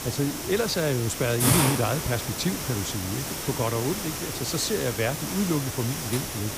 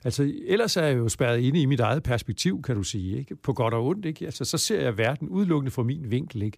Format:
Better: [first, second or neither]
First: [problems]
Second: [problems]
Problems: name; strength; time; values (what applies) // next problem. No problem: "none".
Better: second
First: hiss; loud; throughout; 1 dB below the speech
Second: none